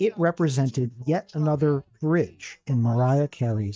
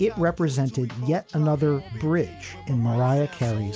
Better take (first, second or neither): second